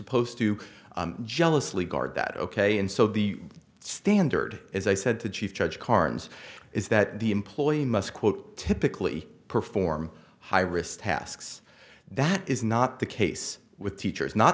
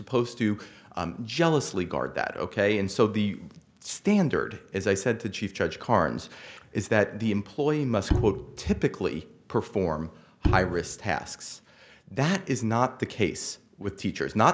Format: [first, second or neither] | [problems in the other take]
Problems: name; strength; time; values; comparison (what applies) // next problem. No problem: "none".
first | background sound (Bowed string instrument); 3 dB below the speech